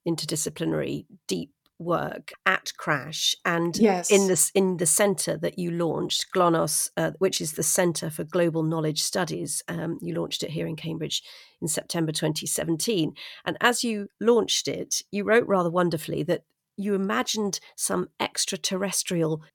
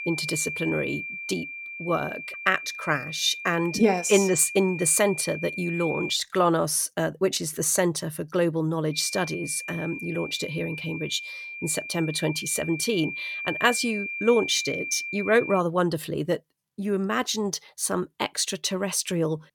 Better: first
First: none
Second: high-pitched whine; loud; until 6 s and from 9 to 16 s; 2.5 kHz, 8 dB below the speech

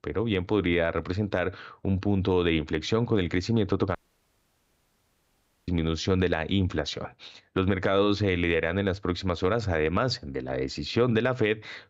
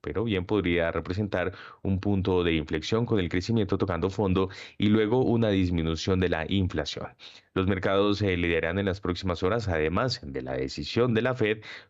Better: second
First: audio cutting out; at 4 s for 1.5 s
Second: none

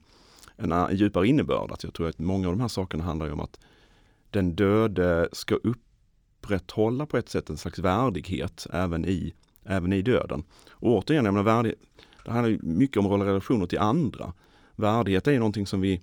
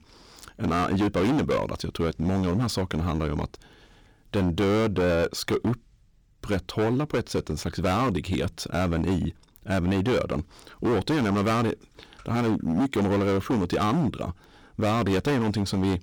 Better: first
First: none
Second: distortion; heavy; 17% of the sound clipped

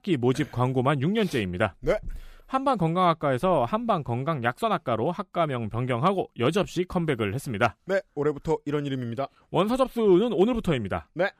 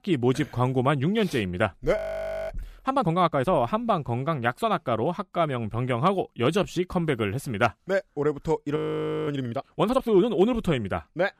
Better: first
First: none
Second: audio freezing; at 2 s for 0.5 s and at 9 s for 0.5 s

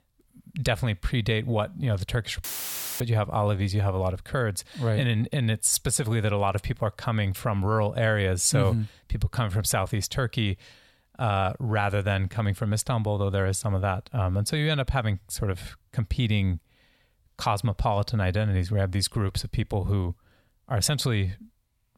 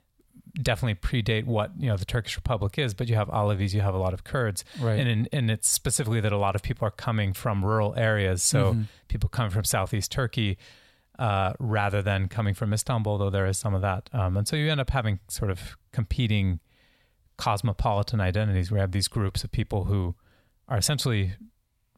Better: second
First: audio cutting out; filled with static; at 2.5 s for 0.5 s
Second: none

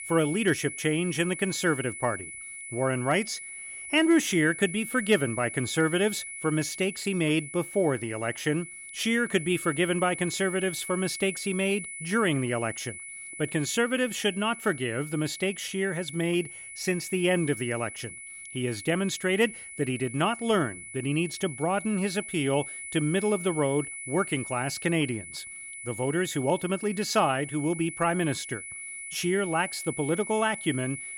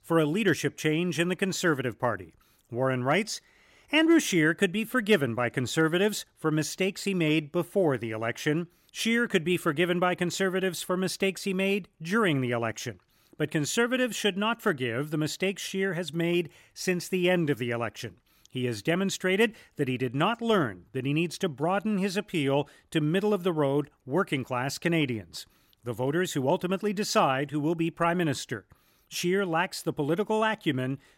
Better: second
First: high-pitched whine; loud; throughout; 2 kHz, 10 dB below the speech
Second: none

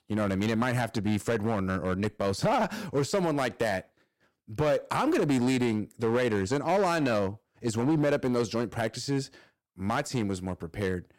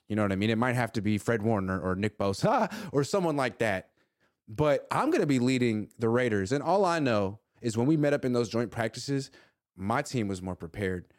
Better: second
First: distortion; slight; 8% of the sound clipped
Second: none

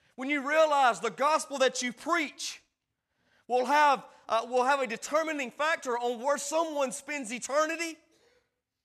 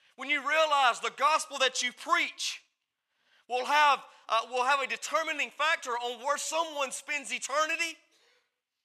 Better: first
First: none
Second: thin; somewhat; fading below 900 Hz

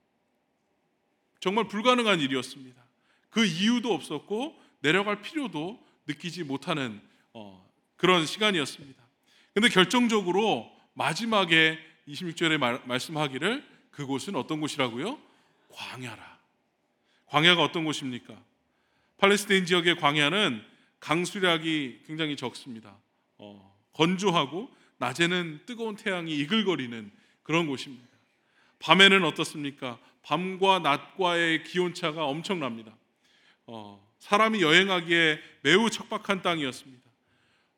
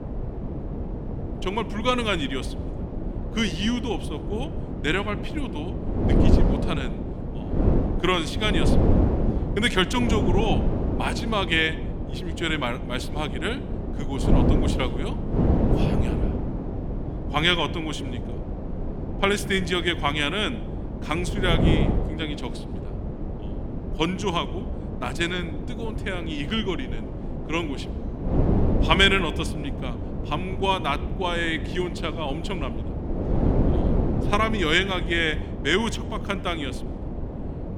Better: first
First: none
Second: wind noise on the microphone; heavy; 8 dB below the speech

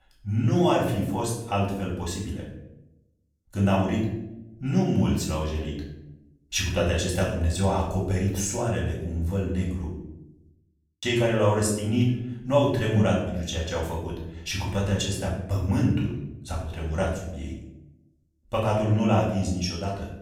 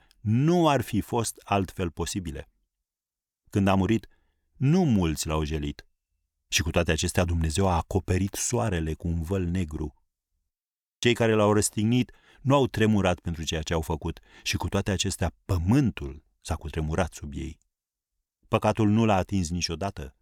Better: second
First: off-mic speech; far // room echo; noticeable; dies away in 0.7 s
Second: none

